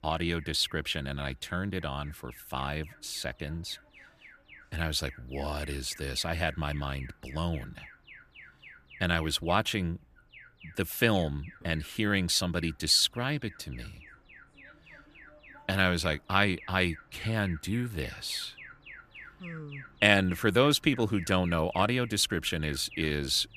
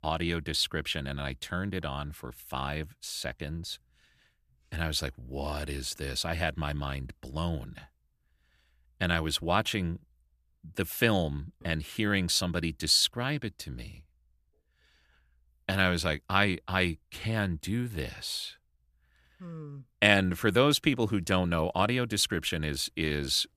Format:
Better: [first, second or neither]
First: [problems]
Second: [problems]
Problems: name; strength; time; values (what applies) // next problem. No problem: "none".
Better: second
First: alarms or sirens; faint; throughout; 20 dB below the speech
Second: none